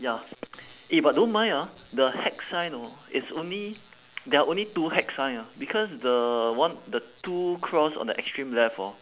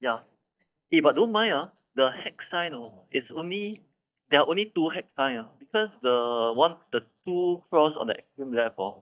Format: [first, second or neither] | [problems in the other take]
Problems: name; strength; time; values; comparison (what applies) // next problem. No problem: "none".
first | noise reduction (neural mask model DeepFilterNet 3)